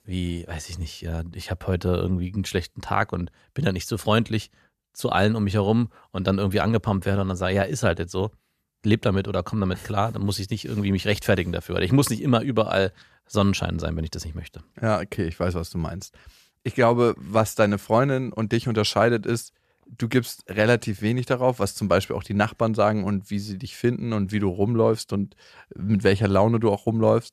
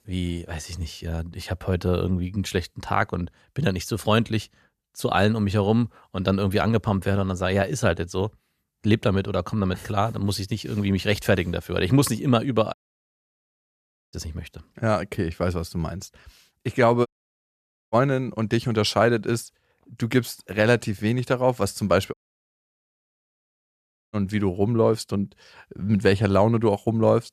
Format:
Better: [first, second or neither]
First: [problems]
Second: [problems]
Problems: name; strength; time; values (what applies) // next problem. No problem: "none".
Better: first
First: none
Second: audio cutting out; at 13 s for 1.5 s, at 17 s for 1 s and at 22 s for 2 s